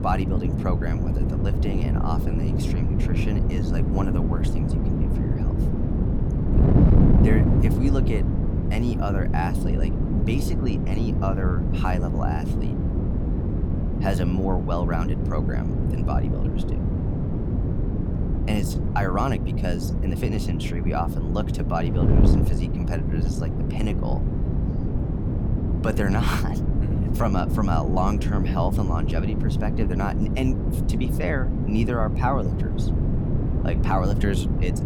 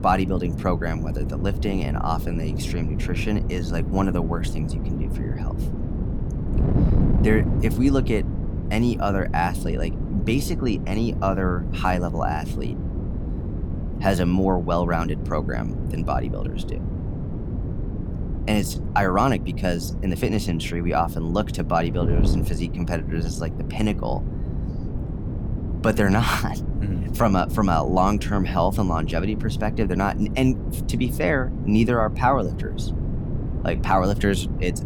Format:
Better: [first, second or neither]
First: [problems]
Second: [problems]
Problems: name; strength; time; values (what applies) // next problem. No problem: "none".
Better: second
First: wind noise on the microphone; heavy; 3 dB below the speech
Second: wind noise on the microphone; occasional gusts; 10 dB below the speech